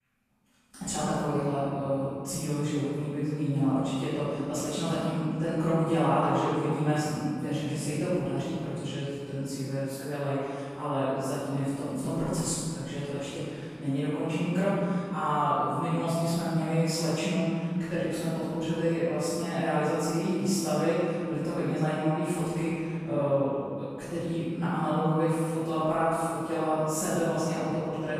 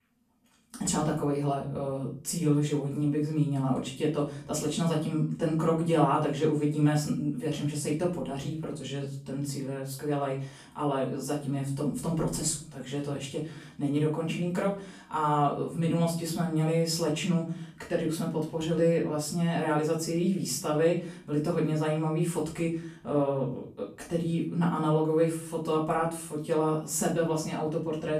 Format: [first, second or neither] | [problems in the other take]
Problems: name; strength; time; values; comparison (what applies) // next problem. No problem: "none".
second | room echo; strong; dies away in 2.3 s; slight in the second // off-mic speech; far; far in the second